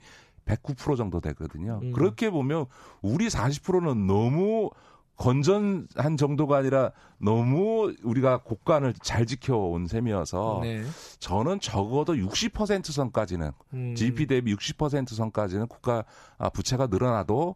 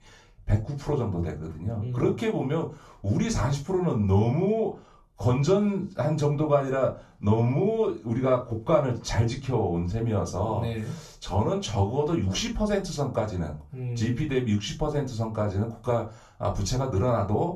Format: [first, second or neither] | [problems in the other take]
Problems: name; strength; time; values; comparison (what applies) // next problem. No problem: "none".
first | off-mic speech; far // room echo; very slight; dies away in 0.3 s